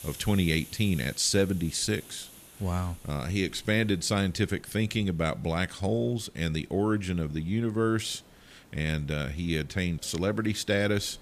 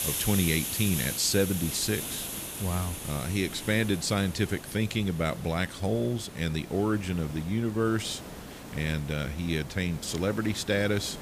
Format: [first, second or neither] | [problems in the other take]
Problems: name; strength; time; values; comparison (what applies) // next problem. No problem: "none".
first | hiss; loud; throughout; 8 dB below the speech; faint in the first